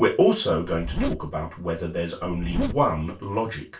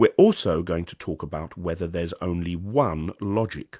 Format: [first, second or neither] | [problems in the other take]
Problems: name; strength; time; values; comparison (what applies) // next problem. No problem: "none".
second | background sound (Zipper (clothing)); 6 dB below the speech // room echo; dies away in 0.2 s